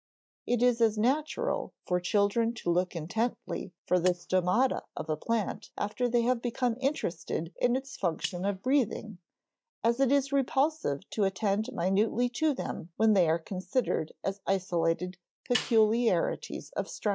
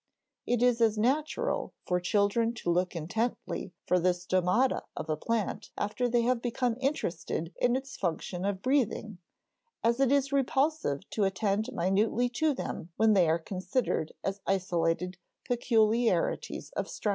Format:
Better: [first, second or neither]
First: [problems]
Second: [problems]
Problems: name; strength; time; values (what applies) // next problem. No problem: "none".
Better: second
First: noise reduction (neural mask model DeepFilterNet 3)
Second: none